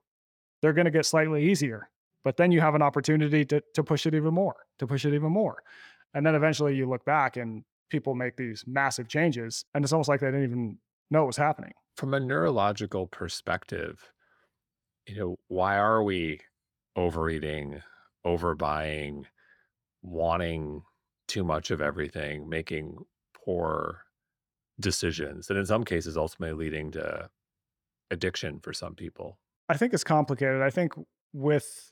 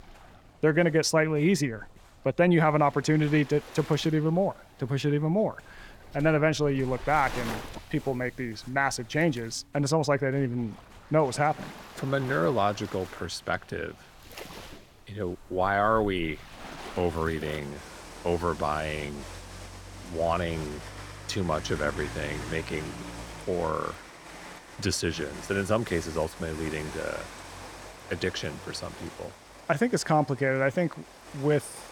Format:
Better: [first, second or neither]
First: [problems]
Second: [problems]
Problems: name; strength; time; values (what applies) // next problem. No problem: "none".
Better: first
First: none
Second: rain or running water; noticeable; throughout; 15 dB below the speech